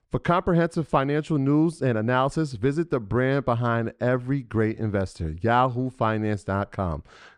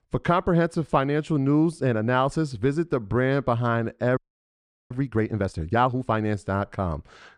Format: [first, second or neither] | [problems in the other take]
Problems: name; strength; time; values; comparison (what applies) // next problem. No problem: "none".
first | audio freezing; at 4 s for 0.5 s